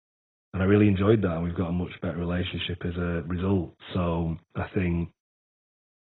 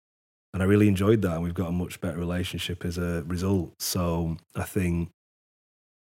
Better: second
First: garbled, watery; badly; nothing above 4 kHz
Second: none

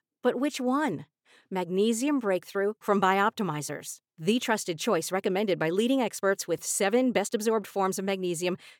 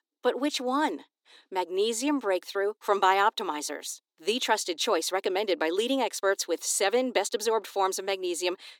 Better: first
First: none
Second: thin; very slightly; fading below 300 Hz

